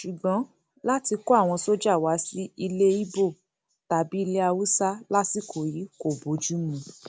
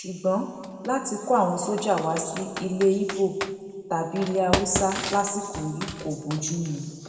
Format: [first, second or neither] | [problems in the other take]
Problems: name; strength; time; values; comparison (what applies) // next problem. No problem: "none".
first | background sound (Computer keyboard); 10 dB below the speech // room echo; dies away in 2 s